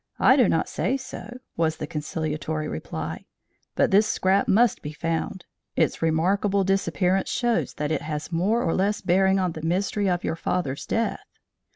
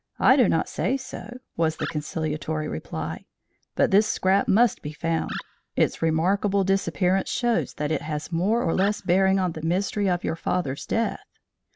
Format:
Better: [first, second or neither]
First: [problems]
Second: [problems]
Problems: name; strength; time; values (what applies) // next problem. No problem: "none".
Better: first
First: none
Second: background sound (Animal); 16 dB below the speech